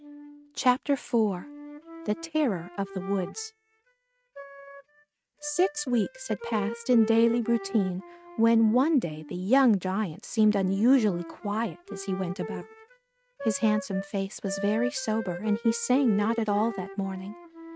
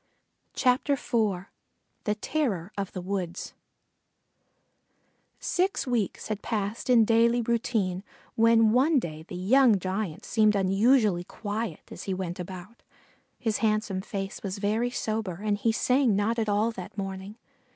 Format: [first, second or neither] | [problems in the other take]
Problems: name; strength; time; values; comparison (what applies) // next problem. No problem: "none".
second | noise reduction (neural mask model RNNoise)